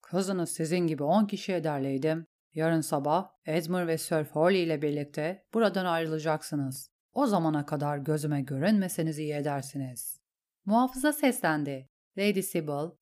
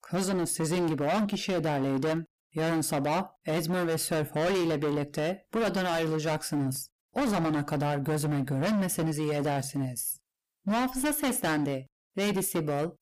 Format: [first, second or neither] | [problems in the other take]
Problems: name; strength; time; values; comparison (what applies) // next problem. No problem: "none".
first | distortion; heavy; 24% of the sound clipped